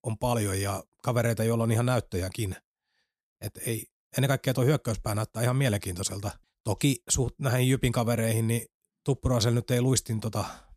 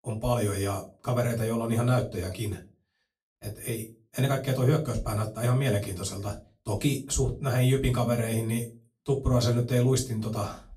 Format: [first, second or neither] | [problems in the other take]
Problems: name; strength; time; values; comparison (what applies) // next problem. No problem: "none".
first | off-mic speech; far // room echo; very slight; dies away in 0.2 s